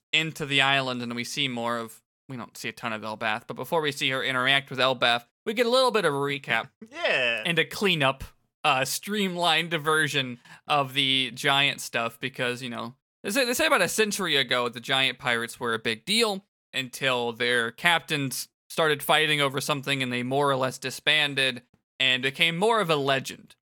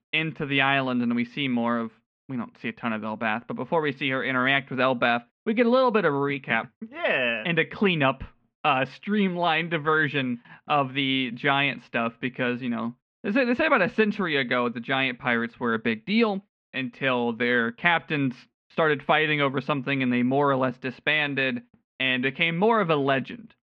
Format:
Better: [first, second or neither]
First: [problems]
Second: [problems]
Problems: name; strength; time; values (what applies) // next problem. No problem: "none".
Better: first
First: none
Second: muffled; very; fading above 3 kHz